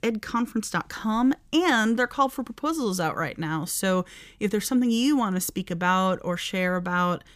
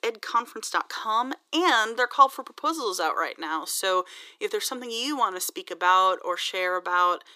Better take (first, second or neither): first